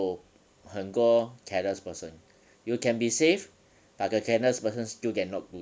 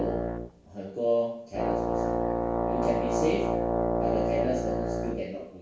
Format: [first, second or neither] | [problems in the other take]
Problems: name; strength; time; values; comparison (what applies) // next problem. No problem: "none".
first | background sound (Brass instrument); 4 dB above the speech // room echo; dies away in 0.6 s